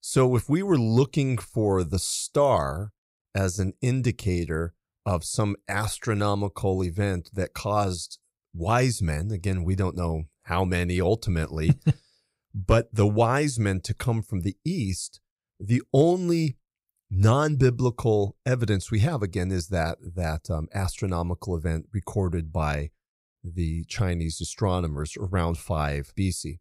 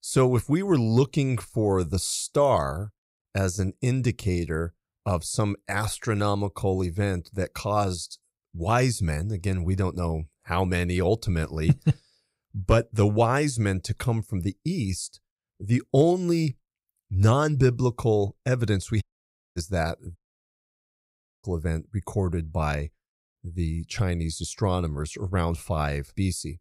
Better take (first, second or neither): first